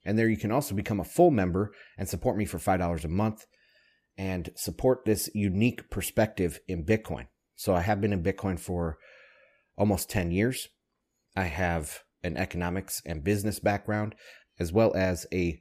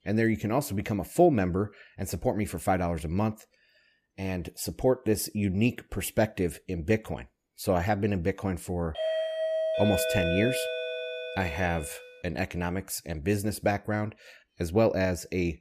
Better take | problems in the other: first | doorbell; loud; from 9 to 12 s; peak 1 dB above the speech

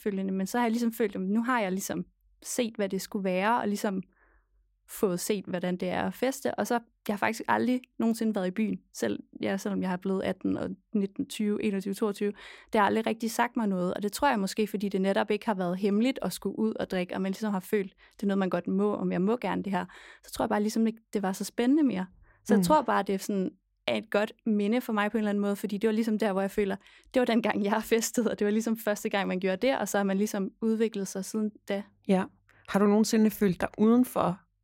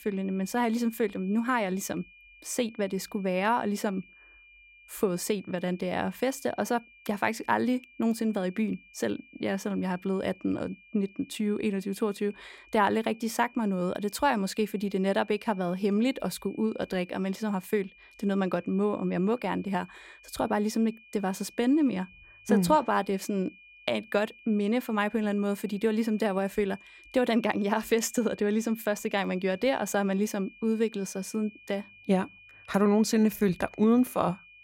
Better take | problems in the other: first | high-pitched whine; faint; throughout; 2.5 kHz, 25 dB below the speech

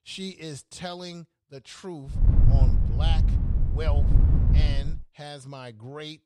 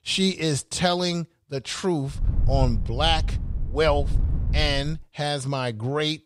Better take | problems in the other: second | wind noise on the microphone; heavy; from 2 to 5 s; 1 dB below the speech; occasional gusts in the second

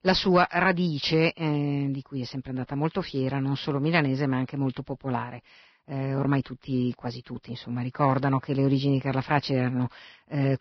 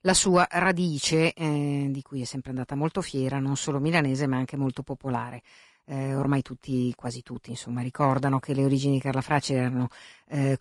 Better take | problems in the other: second | garbled, watery; badly; nothing above 5.5 kHz; slightly in the second

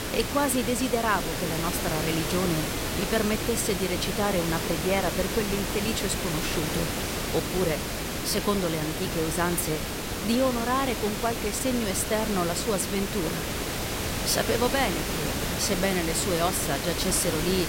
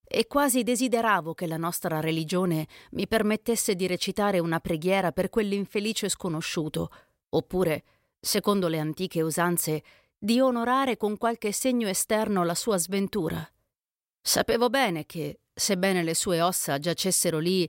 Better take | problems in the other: second | hiss; loud; throughout; 2 dB below the speech

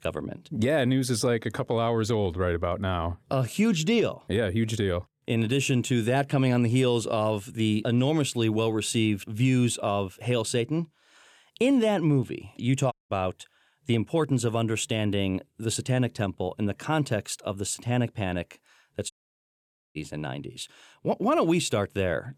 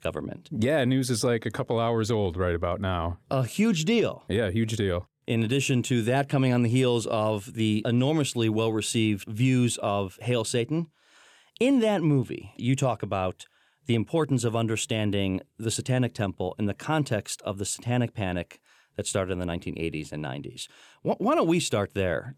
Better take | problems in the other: second | audio cutting out; at 13 s and at 19 s for 1 s

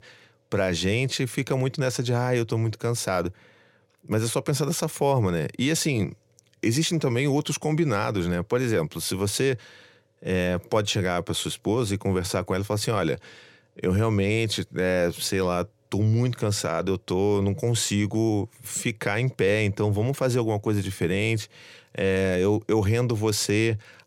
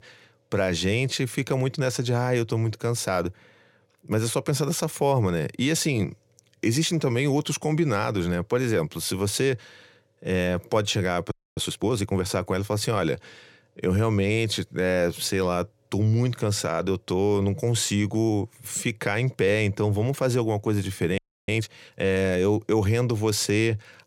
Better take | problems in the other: first | audio freezing; at 11 s and at 21 s

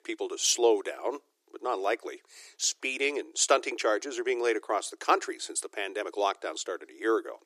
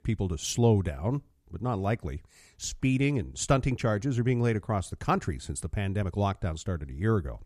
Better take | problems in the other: second | thin; very; fading below 300 Hz

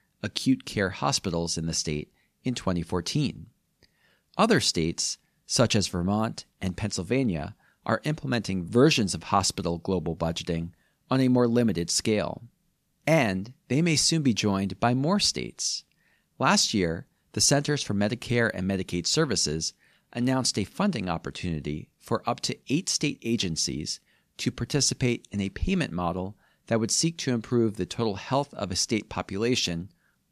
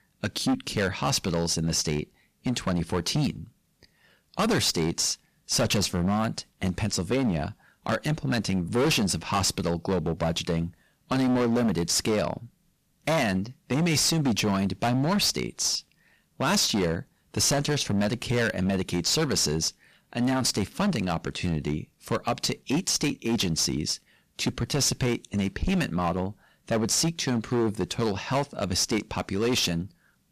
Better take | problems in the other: first | distortion; heavy; 14% of the sound clipped

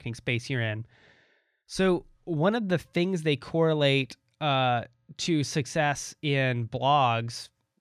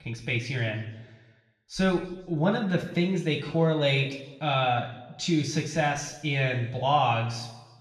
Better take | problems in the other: first | room echo; noticeable; dies away in 0.9 s // off-mic speech; far

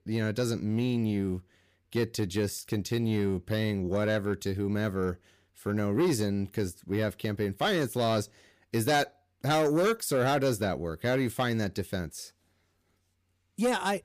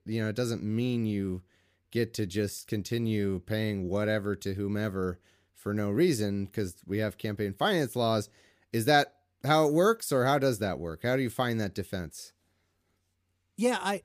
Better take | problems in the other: second | distortion; slight; 10 dB below the speech

